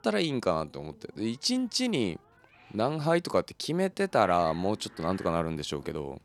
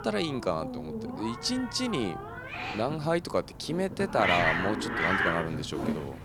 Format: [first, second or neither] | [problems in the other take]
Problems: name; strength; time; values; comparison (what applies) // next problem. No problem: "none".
first | hiss; loud; throughout; 1 dB below the speech; faint in the first